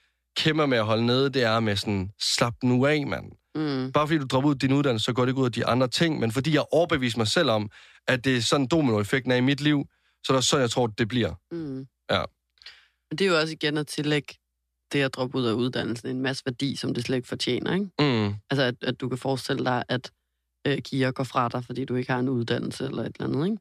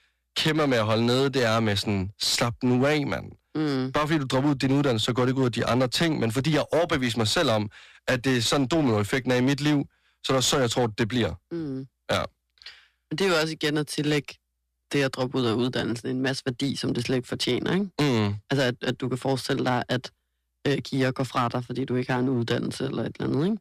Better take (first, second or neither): first